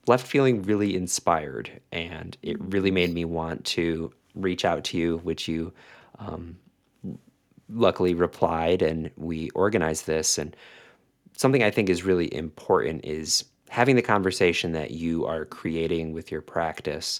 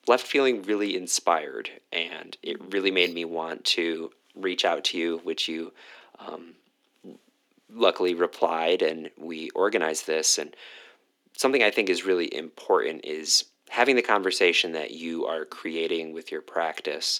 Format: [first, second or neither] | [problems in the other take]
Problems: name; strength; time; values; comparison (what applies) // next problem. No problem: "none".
first | thin; somewhat; fading below 300 Hz